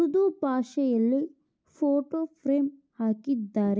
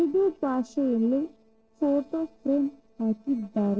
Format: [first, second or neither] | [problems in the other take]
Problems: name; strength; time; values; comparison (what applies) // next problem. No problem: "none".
first | noise reduction (neural separator model SepFormer DNS4)